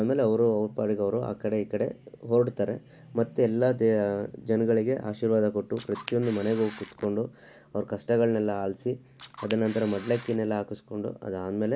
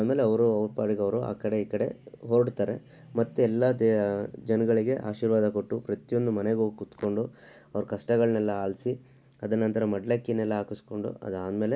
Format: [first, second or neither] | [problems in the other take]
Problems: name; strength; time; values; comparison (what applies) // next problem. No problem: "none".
second | background sound (Camera); 17 dB below the speech